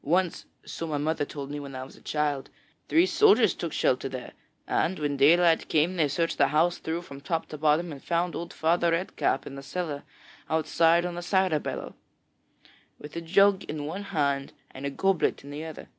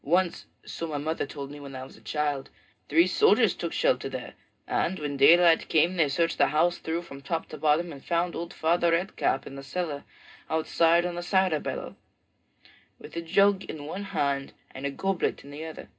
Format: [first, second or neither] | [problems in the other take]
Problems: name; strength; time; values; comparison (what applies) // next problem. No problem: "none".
first | room echo; dies away in 0.2 s